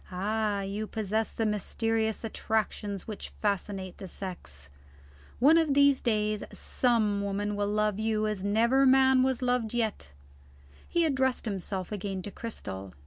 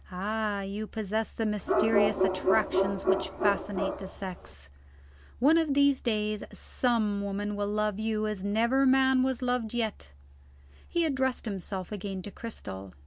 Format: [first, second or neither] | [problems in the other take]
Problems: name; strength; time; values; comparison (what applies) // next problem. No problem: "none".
first | background sound (Bark); 1 dB above the speech